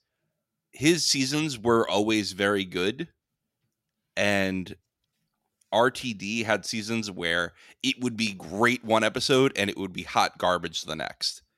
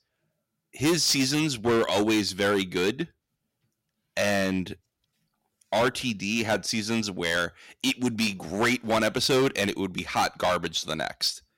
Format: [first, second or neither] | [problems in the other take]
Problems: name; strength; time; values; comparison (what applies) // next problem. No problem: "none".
first | distortion; heavy; 7% of the sound clipped